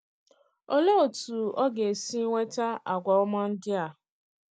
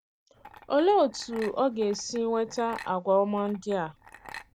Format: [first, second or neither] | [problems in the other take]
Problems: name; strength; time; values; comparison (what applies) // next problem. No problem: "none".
first | background sound (Chink, clink); 20 dB below the speech